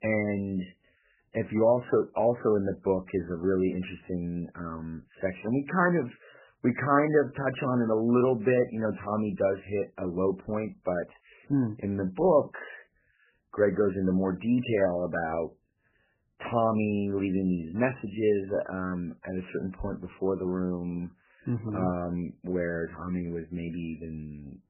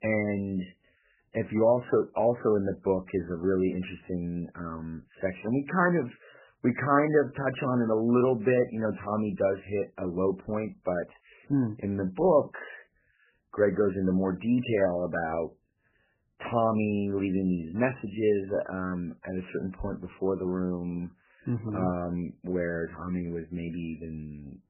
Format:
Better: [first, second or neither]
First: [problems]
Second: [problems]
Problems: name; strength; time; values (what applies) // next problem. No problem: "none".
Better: neither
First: garbled, watery; badly; nothing above 3 kHz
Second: garbled, watery; badly; nothing above 3 kHz